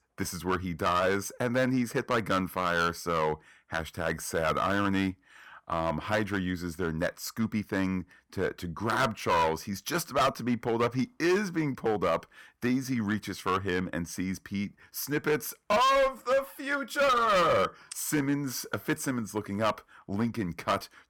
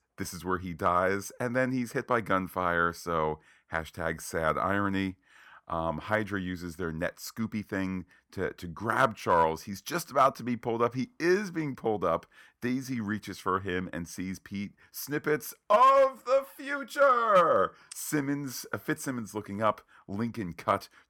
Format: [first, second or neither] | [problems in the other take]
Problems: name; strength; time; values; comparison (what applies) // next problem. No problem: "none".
second | distortion; heavy; 7% of the sound clipped